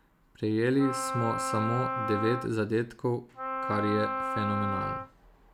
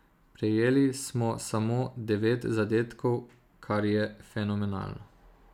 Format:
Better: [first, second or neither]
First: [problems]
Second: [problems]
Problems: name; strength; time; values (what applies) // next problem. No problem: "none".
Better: second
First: background sound (Wind instrument, woodwind instrument); 3 dB below the speech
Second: none